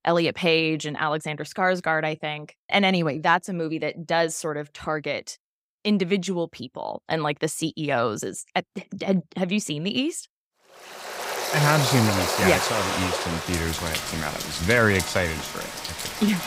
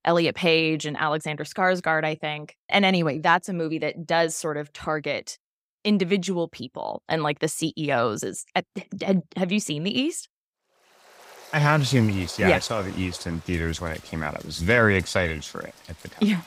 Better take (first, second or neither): second